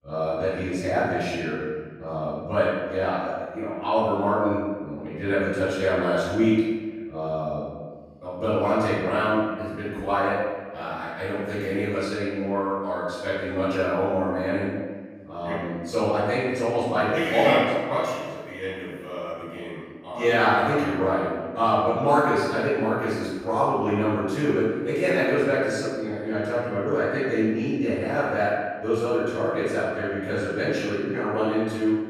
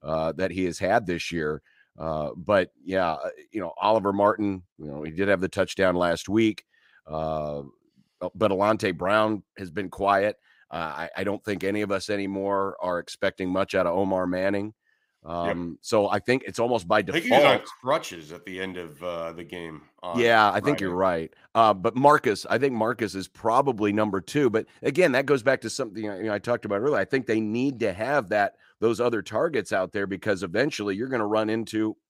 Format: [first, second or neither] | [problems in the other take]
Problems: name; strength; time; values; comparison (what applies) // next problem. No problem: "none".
second | room echo; strong; dies away in 1.4 s // off-mic speech; far